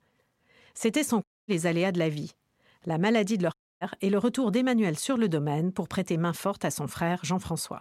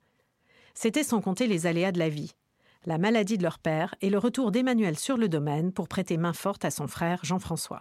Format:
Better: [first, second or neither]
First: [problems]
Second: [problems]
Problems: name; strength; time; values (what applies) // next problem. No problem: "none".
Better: second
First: audio cutting out; at 1 s and at 3.5 s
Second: none